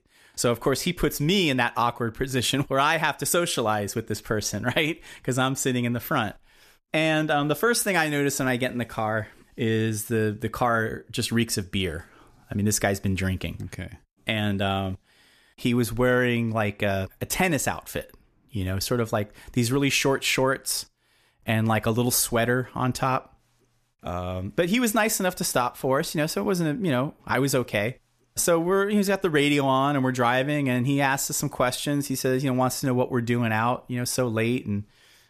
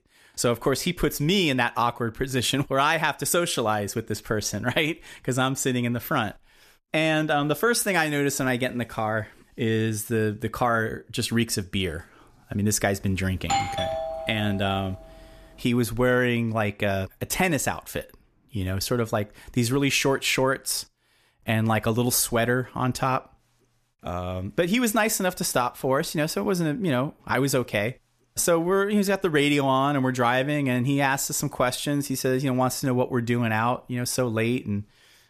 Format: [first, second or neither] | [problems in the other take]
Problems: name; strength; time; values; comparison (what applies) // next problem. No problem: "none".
first | doorbell; noticeable; from 13 to 15 s; peak 1 dB below the speech